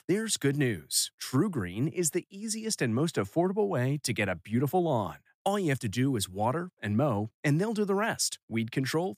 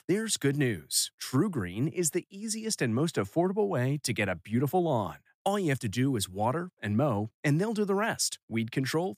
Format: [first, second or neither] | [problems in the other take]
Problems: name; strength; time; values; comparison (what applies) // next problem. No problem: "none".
neither | none